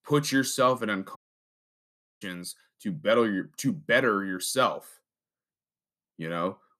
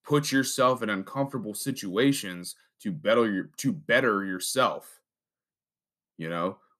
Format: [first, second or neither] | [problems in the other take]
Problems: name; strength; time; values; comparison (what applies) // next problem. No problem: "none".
second | audio cutting out; at 1 s for 1 s